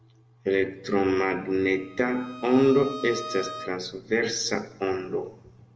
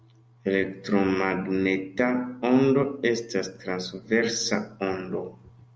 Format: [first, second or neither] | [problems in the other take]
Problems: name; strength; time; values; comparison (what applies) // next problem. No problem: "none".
second | background sound (Bowed string instrument); 15 dB below the speech // room echo; dies away in 0.7 s